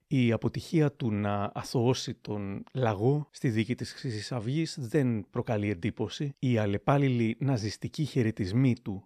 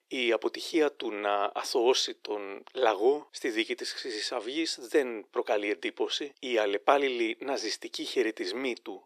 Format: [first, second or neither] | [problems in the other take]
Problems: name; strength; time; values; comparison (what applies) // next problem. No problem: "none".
first | thin; very; fading below 350 Hz